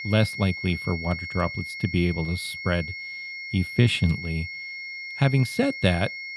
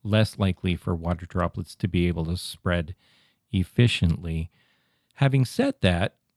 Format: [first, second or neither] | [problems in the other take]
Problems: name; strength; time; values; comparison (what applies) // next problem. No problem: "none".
second | high-pitched whine; loud; throughout; 2 kHz, 8 dB below the speech